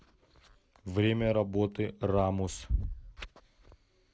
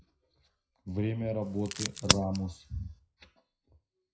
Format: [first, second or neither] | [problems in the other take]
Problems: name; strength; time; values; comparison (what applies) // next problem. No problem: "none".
first | noise reduction (classical method WPE with log-MMSE)